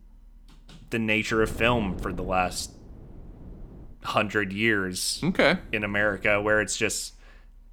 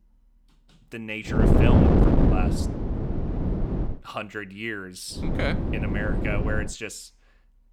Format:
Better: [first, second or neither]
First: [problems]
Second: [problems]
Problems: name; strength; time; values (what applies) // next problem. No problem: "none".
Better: first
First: wind noise on the microphone; occasional gusts; from 1.5 to 4 s and from 5 to 6.5 s; 25 dB below the speech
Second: wind noise on the microphone; heavy; from 1.5 to 4 s and from 5 to 6.5 s; 2 dB above the speech